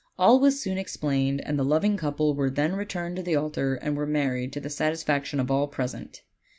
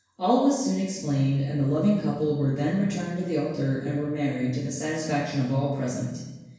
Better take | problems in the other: first | room echo; dies away in 1 s

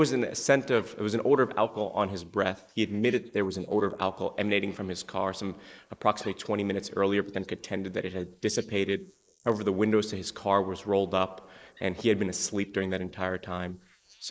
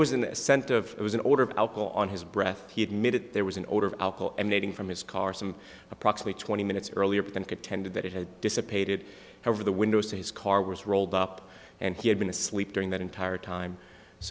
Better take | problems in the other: second | noise reduction (neural mask model Resemble Enhance denoiser)

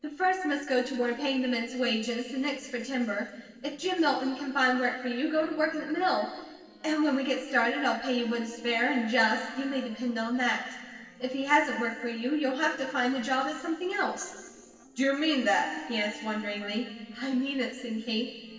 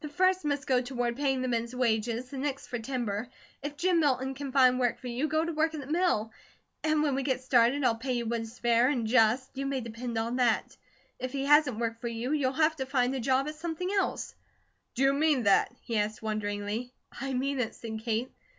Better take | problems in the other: second | noise reduction (neural separator model SepFormer DNS4)

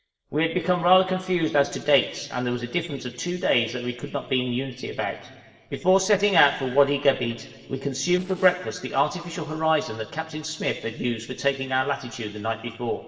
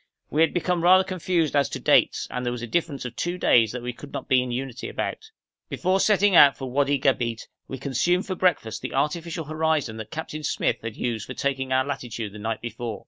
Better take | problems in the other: second | noise reduction (neural separator model SepFormer DNS4)

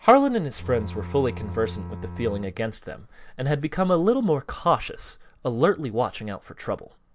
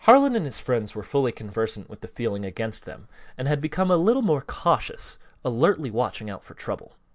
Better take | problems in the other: second | background sound (Bowed string instrument); 11 dB below the speech

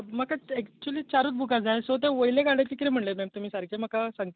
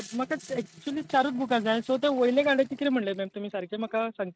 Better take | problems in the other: first | noise reduction (neural mask model RNNoise)

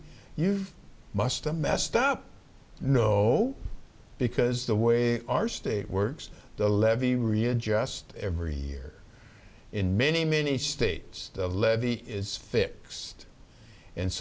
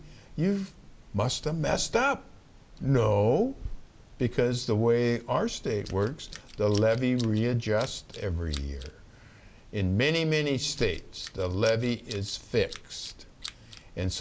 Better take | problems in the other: first | background sound (Tools); 18 dB below the speech

